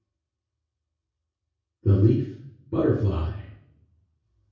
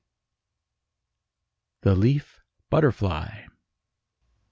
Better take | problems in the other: second | room echo; dies away in 0.6 s

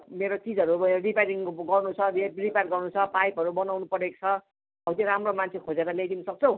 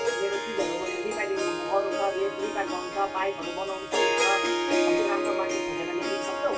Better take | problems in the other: first | background sound (Harp); 3 dB above the speech // room echo; dies away in 0.1 s

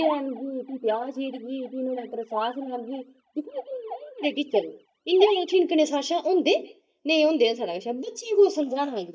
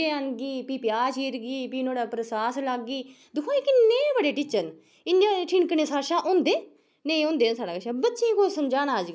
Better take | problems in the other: second | noise reduction (neural mask model DeepFilterNet 3)

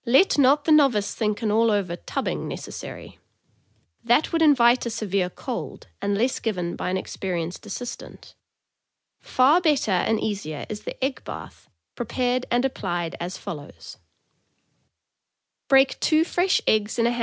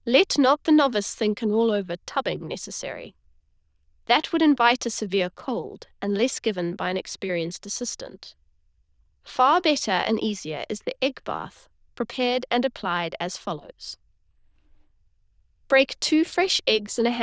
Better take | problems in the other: first | noise reduction (neural diffusion model UNIVERSE++)

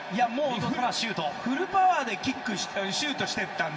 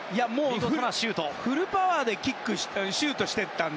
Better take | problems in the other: second | room echo; dies away in 2.1 s

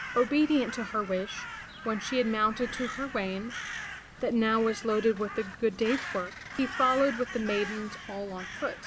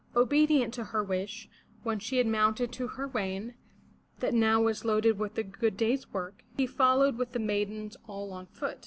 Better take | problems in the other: second | background sound (Crow); 11 dB below the speech

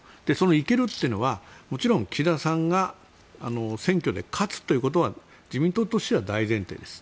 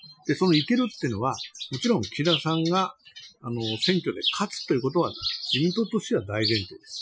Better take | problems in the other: first | noise reduction (classical method Wiener filter)

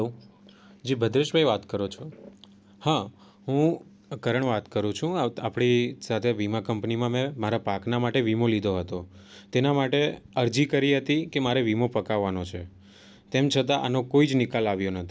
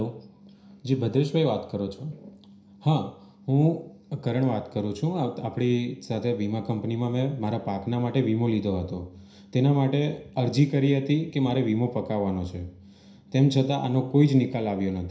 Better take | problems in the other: first | room echo; dies away in 0.5 s

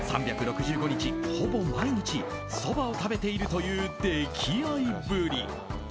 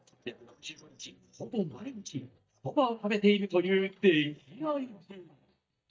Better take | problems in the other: first | noise reduction (neural mask model DeepFilterNet 3)

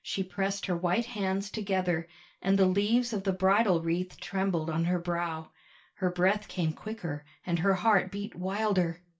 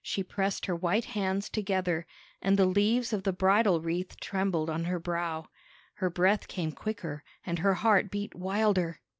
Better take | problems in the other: second | room echo; dies away in 0.2 s

